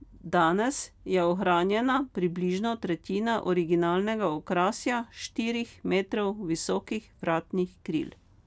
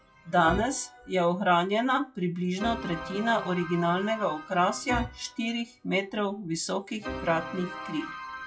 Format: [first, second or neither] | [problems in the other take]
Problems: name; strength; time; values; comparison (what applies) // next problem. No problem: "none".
first | noise reduction (classical method WPE with log-MMSE)